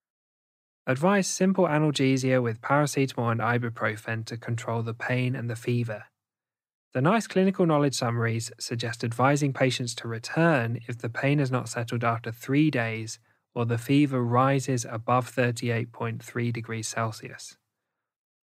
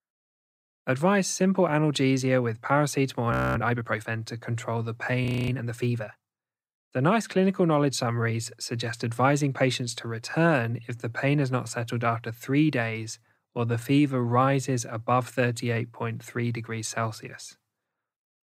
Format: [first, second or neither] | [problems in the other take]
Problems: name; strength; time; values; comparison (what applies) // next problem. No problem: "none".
first | audio freezing; at 3.5 s and at 5 s